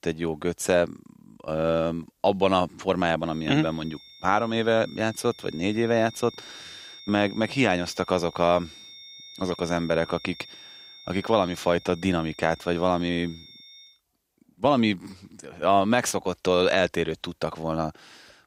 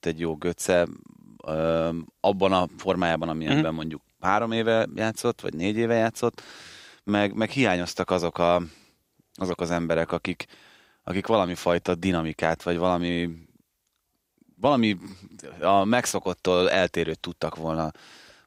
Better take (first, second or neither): second